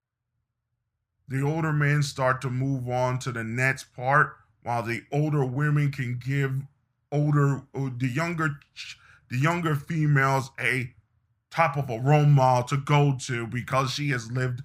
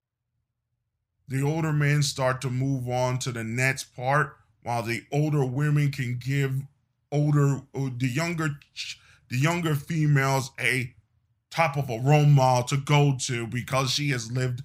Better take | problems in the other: second | muffled; very slightly; fading above 2 kHz

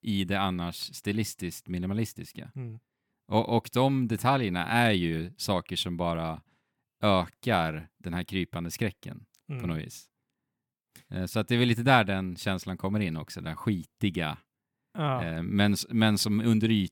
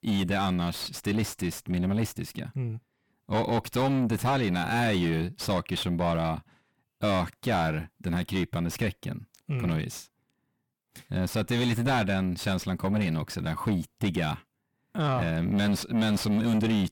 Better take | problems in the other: first | distortion; heavy; 5 dB below the speech

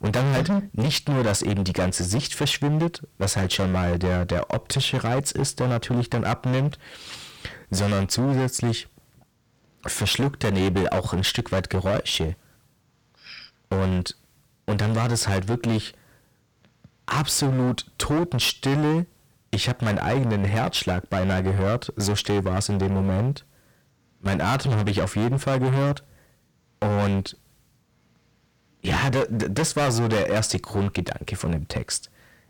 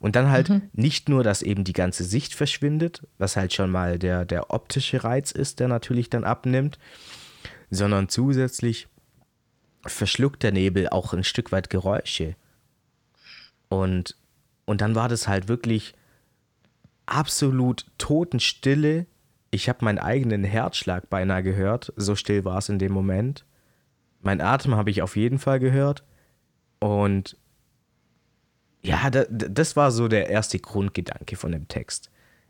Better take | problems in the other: second | distortion; heavy; 19% of the sound clipped

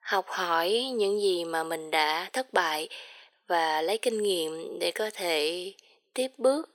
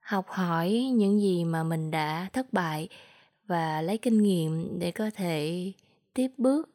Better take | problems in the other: second | thin; very; fading below 400 Hz

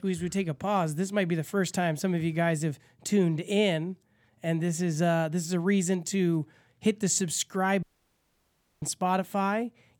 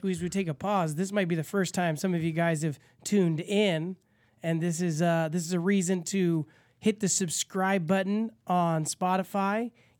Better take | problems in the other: second | audio cutting out; at 8 s for 1 s

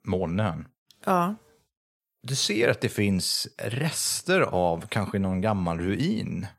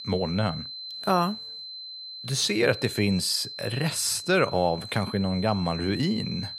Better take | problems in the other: first | high-pitched whine; loud; throughout; 4 kHz, 10 dB below the speech

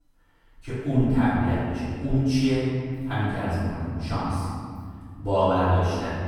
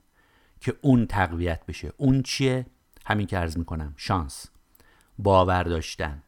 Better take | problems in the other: second | off-mic speech; far // room echo; strong; dies away in 2.2 s

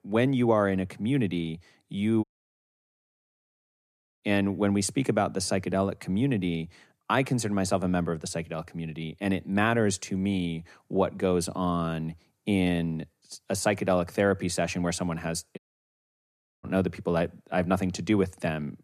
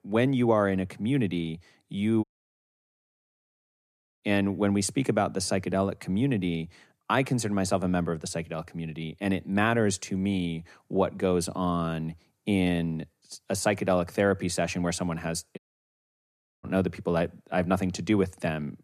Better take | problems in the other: neither | audio cutting out; at 2 s for 2 s and at 16 s for 1 s; the same in both

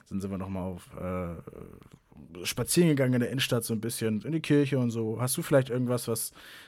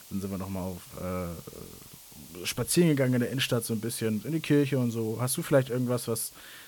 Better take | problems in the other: first | hiss; noticeable; throughout; 20 dB below the speech

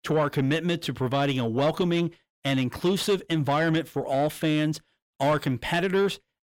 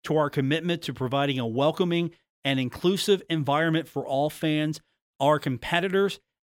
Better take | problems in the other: second | distortion; slight; 10 dB below the speech

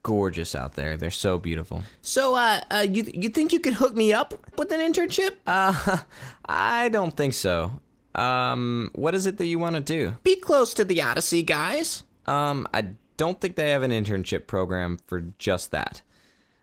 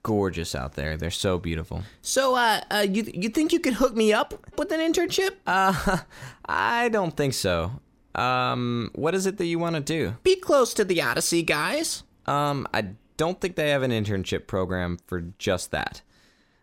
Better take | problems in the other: second | garbled, watery; slightly; nothing above 16 kHz

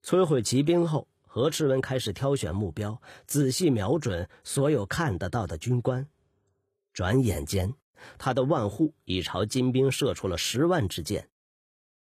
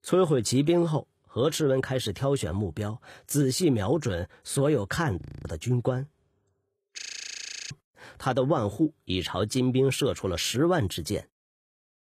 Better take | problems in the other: first | audio freezing; at 5 s and at 7 s for 0.5 s

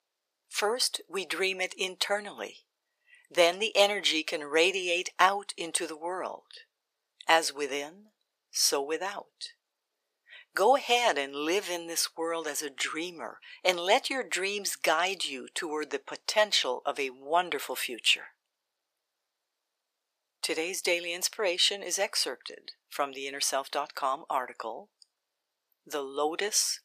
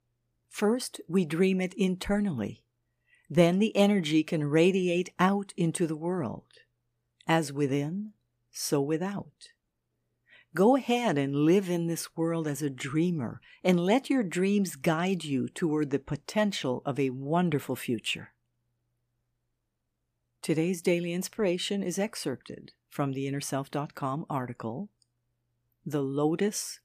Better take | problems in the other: second | thin; very; fading below 550 Hz

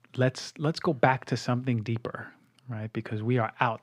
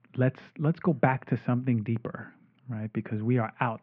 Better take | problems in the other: first | muffled; very; fading above 2.5 kHz

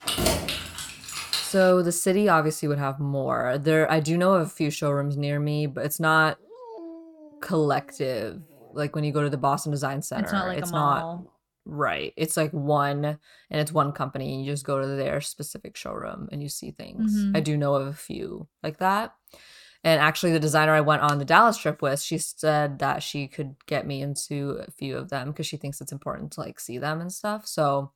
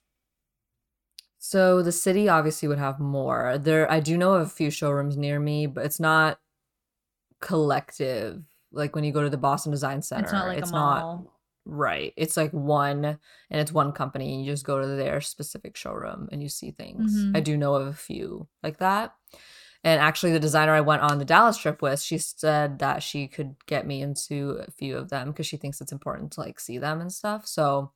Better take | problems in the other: second | jangling keys; loud; until 1.5 s; peak 1 dB above the speech // dog barking; faint; from 6.5 to 9 s; peak 15 dB below the speech

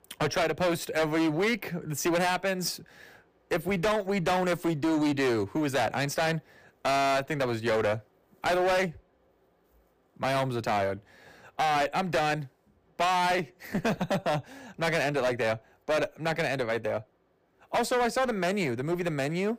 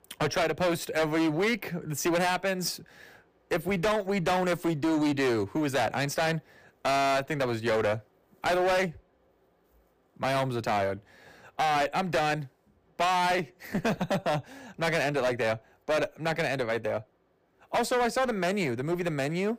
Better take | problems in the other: neither | distortion; heavy; 16% of the sound clipped; the same in both

